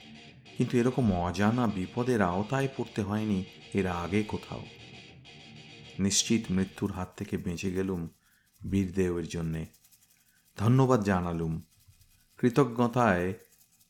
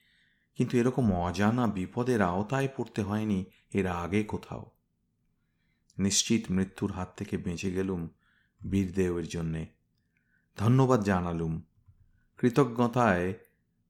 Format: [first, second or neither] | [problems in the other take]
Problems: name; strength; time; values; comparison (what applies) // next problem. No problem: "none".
second | background music; faint; throughout; 20 dB below the speech